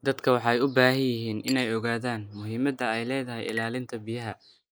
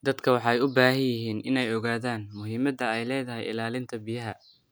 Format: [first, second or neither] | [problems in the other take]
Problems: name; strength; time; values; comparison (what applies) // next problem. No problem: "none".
second | noise reduction (neural mask model Resemble Enhance denoiser)